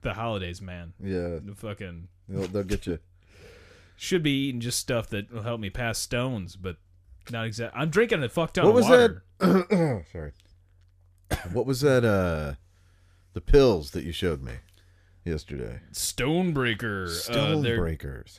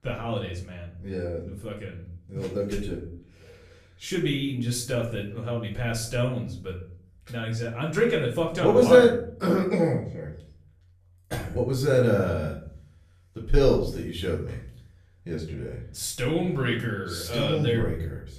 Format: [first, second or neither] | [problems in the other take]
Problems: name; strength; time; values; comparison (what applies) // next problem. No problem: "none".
first | room echo; slight; dies away in 0.4 s // off-mic speech; far